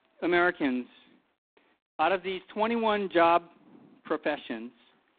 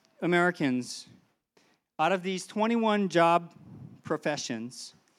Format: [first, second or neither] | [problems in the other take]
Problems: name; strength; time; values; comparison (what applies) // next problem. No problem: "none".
second | phone-call audio; poor line; nothing above 3.5 kHz